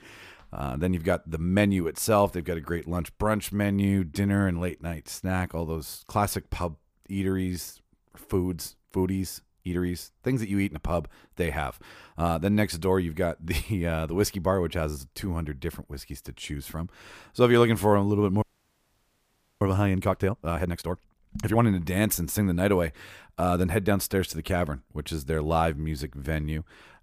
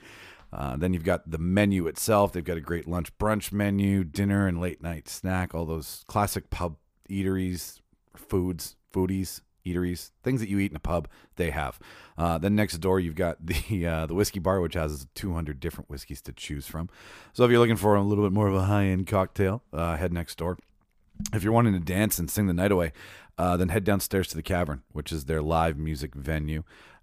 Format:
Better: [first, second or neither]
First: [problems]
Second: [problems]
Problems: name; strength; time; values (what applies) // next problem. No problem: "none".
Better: second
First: audio freezing; at 18 s for 1 s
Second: none